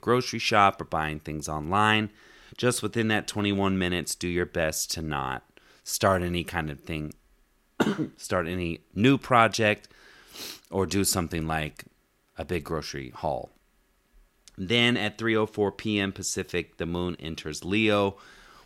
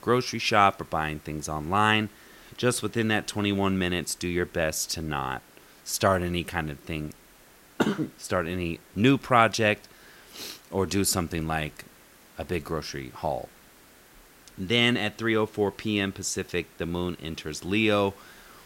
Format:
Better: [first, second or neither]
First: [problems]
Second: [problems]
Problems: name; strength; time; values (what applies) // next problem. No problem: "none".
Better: first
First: none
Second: hiss; faint; throughout; 25 dB below the speech